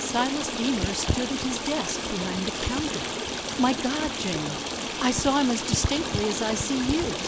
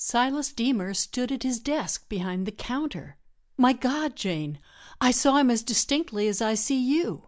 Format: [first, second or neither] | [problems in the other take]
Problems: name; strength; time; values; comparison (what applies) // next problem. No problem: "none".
second | background sound (Stream); 2 dB below the speech